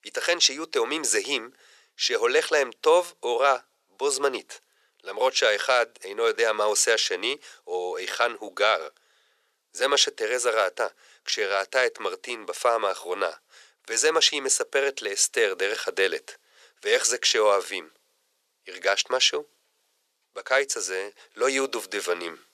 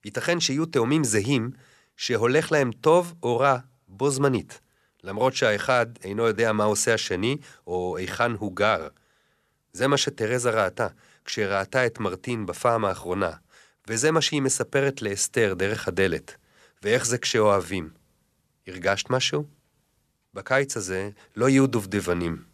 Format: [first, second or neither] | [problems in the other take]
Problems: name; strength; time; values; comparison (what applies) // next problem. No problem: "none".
second | thin; very; fading below 450 Hz